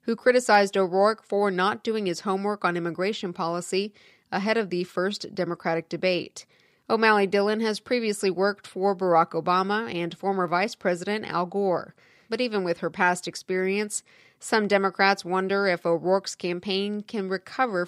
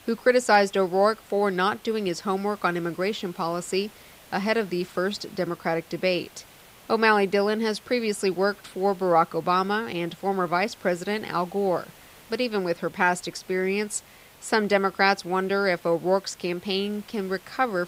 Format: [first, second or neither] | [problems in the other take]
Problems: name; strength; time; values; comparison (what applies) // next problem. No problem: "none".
first | hiss; faint; throughout; 25 dB below the speech